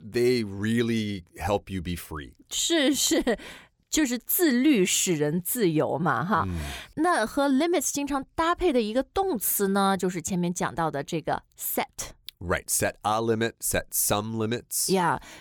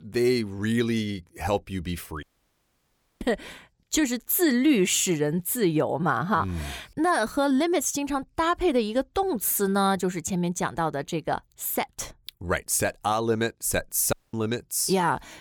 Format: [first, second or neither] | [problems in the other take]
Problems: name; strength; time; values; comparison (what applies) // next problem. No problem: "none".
first | audio cutting out; at 2 s for 1 s and at 14 s